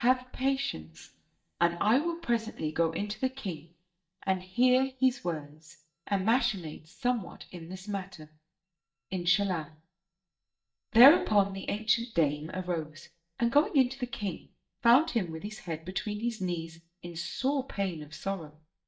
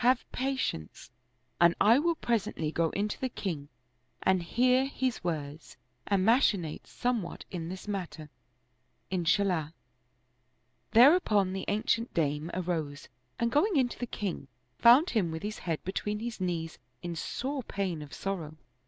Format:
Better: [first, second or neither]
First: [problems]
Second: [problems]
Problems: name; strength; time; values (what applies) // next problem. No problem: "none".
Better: second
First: noise reduction (neural mask model DeepFilterNet 3)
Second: none